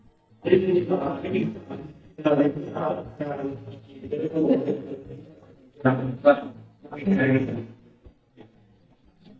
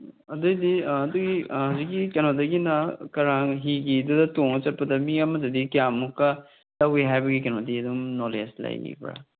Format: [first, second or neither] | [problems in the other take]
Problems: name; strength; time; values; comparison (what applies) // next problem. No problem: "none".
second | noise reduction (neural mask model DeepFilterNet 3)